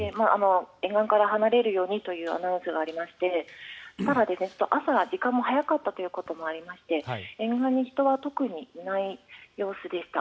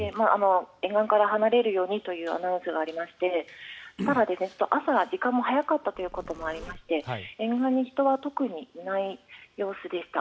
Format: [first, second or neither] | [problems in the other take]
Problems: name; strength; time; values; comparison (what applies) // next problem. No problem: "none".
first | background sound (Zipper (clothing)); 19 dB below the speech